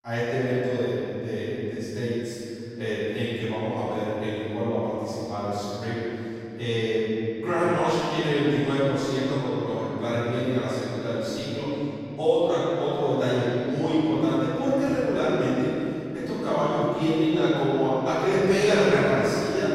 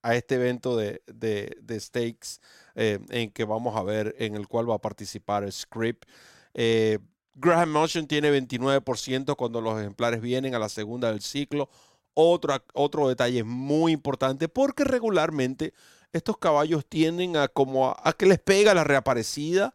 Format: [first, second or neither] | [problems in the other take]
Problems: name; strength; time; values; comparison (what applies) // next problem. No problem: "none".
second | off-mic speech; far // room echo; strong; dies away in 3 s